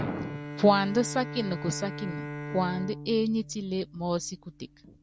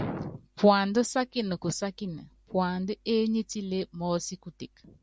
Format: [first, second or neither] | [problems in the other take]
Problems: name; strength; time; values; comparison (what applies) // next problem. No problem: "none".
second | background sound (Bowed string instrument); 10 dB below the speech